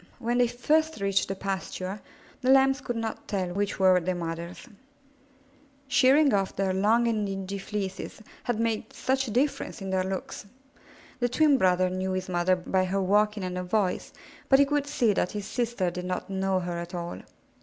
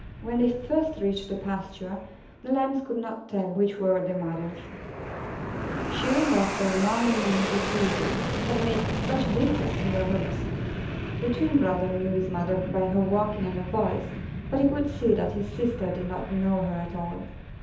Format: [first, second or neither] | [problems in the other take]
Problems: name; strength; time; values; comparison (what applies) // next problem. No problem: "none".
first | background sound (Fixed-wing aircraft, airplane); 5 dB below the speech // room echo; dies away in 0.8 s